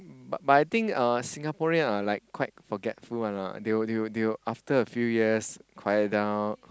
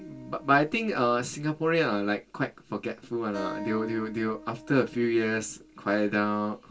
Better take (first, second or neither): first